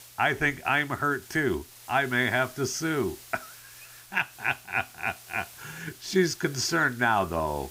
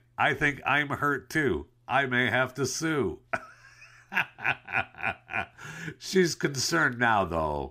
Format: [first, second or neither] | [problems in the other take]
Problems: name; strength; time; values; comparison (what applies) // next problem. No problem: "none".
second | hiss; noticeable; throughout; 20 dB below the speech